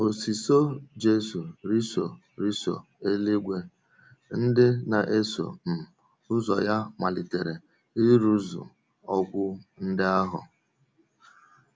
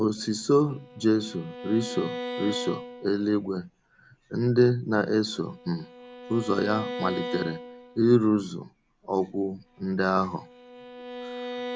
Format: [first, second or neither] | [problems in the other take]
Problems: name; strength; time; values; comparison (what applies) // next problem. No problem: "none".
first | background sound (Bowed string instrument); 12 dB below the speech